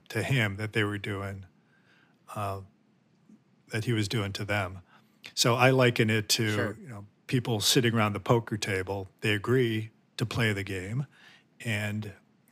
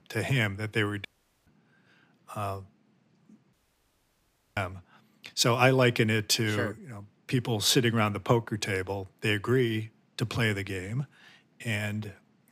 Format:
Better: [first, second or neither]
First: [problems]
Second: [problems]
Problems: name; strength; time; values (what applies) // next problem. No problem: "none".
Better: first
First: none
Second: audio cutting out; at 1 s and at 3.5 s for 1 s